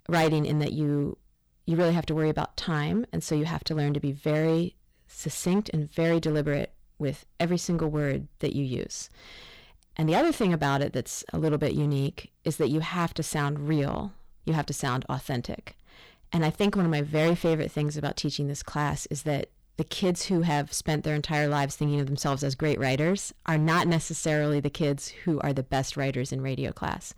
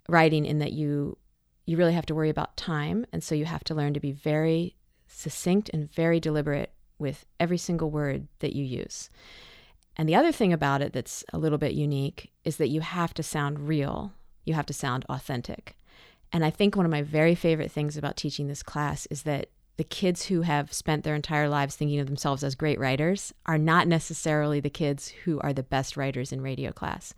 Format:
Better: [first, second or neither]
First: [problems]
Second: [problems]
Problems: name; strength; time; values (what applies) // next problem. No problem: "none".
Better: second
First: distortion; slight; 6% of the sound clipped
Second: none